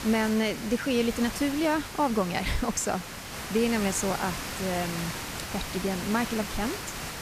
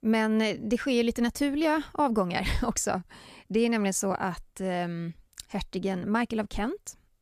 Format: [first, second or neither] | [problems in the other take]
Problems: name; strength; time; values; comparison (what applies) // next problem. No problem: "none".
second | hiss; loud; throughout; 7 dB below the speech